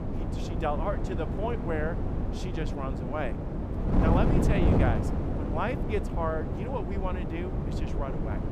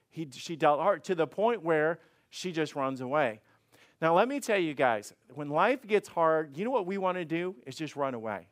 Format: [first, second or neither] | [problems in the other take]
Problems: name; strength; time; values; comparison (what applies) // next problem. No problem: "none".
second | wind noise on the microphone; heavy; 3 dB below the speech